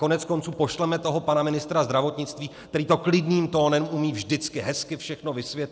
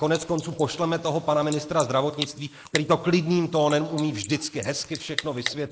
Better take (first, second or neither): first